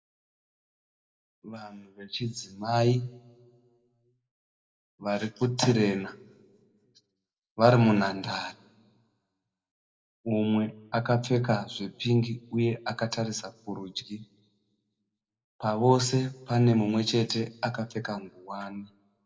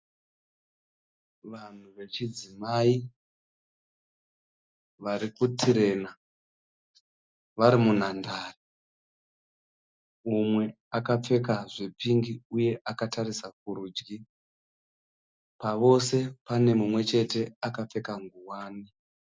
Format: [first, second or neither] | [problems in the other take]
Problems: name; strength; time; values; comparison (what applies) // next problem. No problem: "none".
second | room echo; dies away in 0.3 s